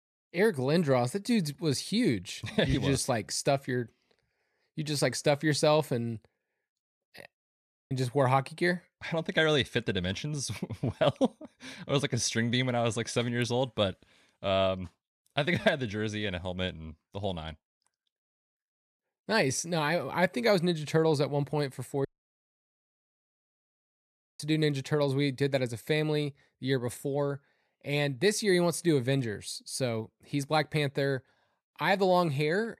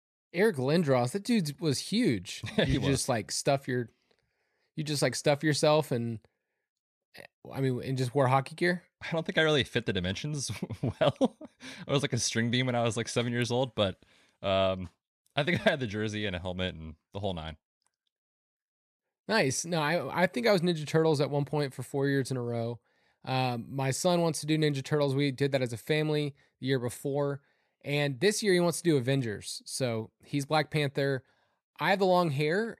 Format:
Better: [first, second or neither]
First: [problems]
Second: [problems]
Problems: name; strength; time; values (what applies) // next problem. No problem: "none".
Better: second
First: audio cutting out; at 7.5 s for 0.5 s and at 22 s for 2.5 s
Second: none